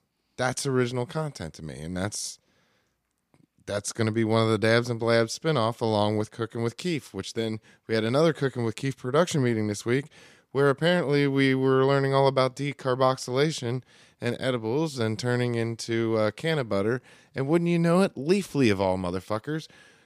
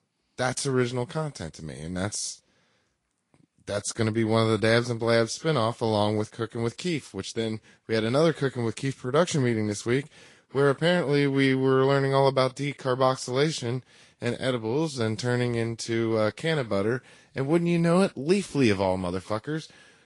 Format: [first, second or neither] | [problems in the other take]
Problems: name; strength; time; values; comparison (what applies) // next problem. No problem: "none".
first | garbled, watery; slightly; nothing above 9 kHz